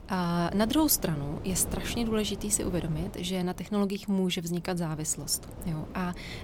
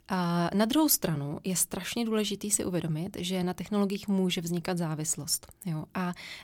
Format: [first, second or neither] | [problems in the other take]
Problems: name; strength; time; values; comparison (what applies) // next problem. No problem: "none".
second | wind noise on the microphone; occasional gusts; 15 dB below the speech